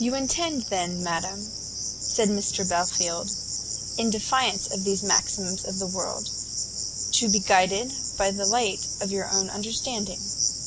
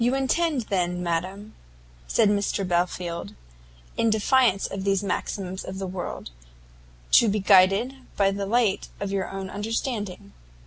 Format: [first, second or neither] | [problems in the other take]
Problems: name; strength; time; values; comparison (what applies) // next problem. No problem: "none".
second | background sound (Cricket); 2 dB below the speech